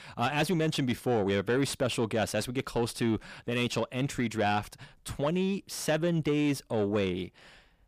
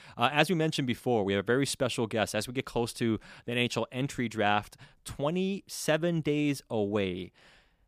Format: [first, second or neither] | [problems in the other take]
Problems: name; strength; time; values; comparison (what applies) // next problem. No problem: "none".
second | distortion; slight; 10 dB below the speech